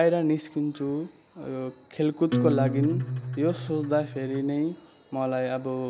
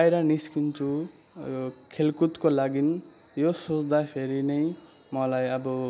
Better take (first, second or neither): second